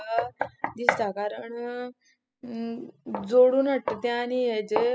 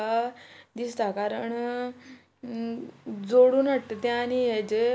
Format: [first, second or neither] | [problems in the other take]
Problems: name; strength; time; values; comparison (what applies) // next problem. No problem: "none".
second | noise reduction (classical method spectral subtraction)